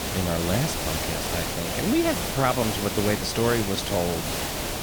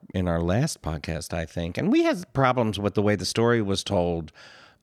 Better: second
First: hiss; loud; throughout; 1 dB below the speech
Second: none

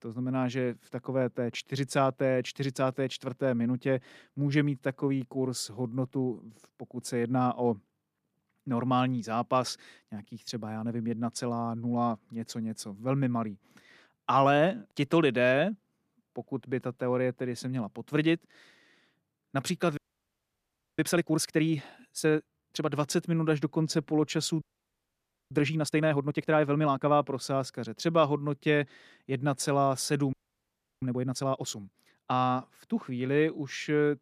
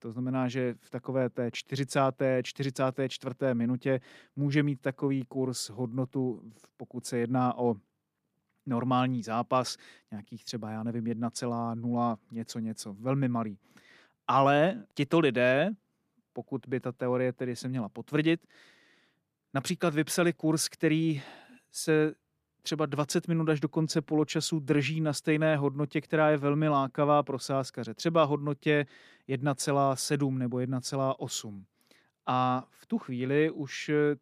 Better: second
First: audio freezing; at 20 s for 1 s, at 25 s for 1 s and at 30 s for 0.5 s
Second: none

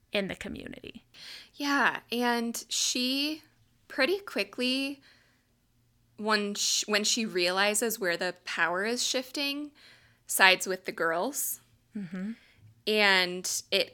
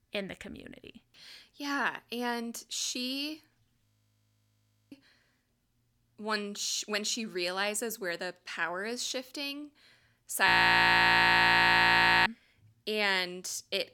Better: first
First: none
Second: audio freezing; at 4 s for 1 s and at 10 s for 2 s

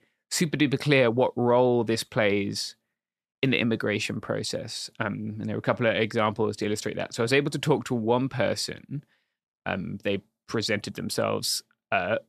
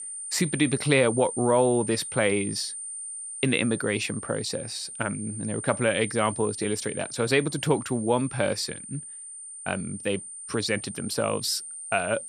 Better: first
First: none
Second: high-pitched whine; loud; throughout; 9 kHz, 9 dB below the speech

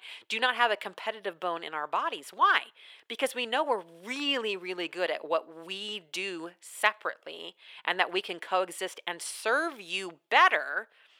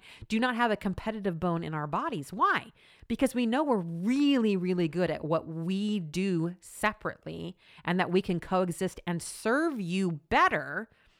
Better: second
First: thin; very; fading below 450 Hz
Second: none

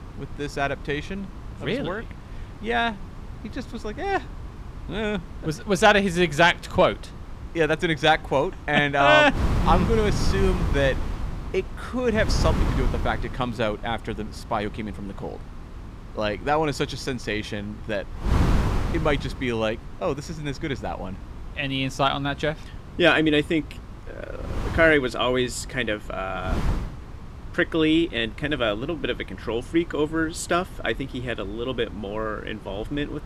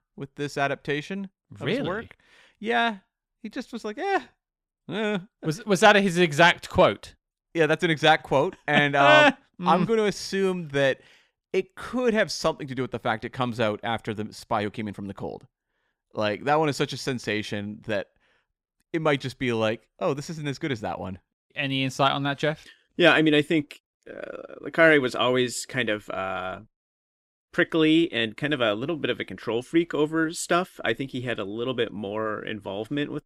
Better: second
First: wind noise on the microphone; occasional gusts; 15 dB below the speech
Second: none

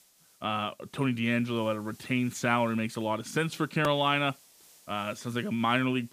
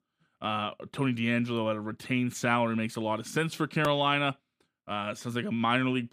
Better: second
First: hiss; faint; throughout; 25 dB below the speech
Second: none

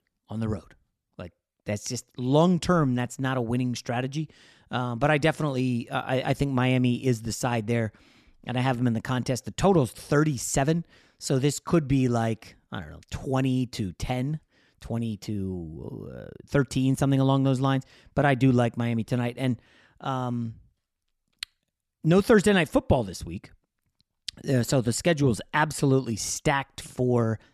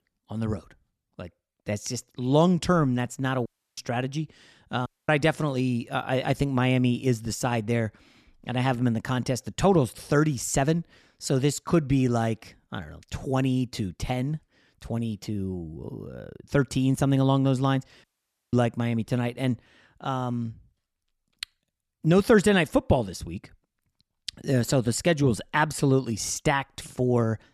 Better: first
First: none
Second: audio cutting out; at 3.5 s, at 5 s and at 18 s

